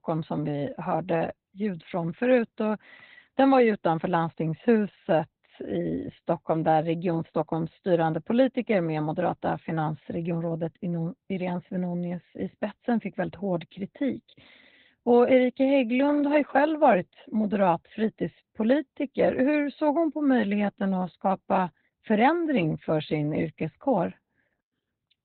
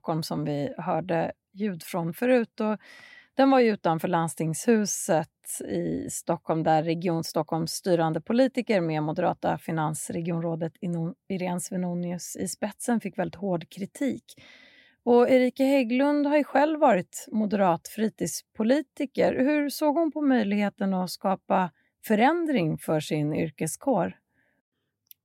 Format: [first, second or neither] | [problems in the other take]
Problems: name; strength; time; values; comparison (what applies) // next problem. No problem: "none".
second | garbled, watery; badly; nothing above 4 kHz